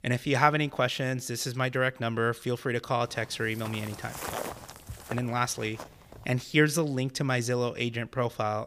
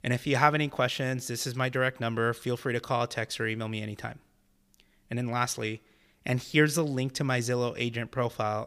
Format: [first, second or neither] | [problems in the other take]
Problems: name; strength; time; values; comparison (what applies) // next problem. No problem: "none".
second | footsteps; noticeable; from 3 to 6 s; peak 6 dB below the speech